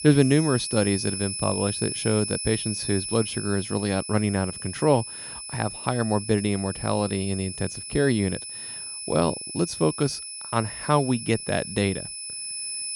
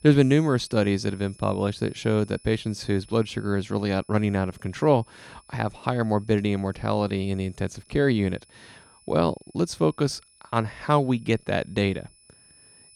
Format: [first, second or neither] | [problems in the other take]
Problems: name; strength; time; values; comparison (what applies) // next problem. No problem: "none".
second | high-pitched whine; loud; throughout; 10 kHz, 6 dB below the speech; faint in the second